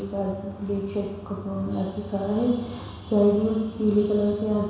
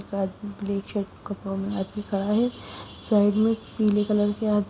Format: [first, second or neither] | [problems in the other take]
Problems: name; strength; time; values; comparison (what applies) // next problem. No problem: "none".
second | room echo; dies away in 1.1 s